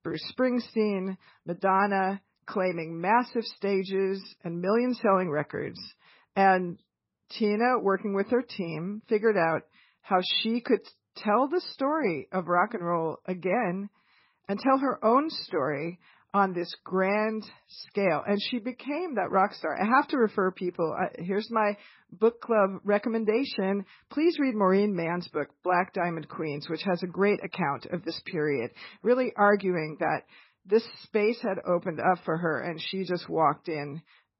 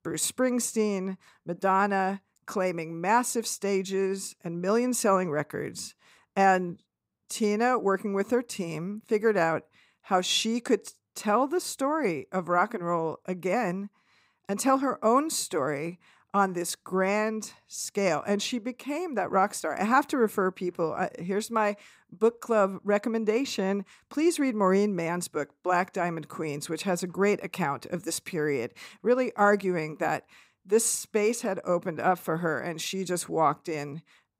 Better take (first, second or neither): second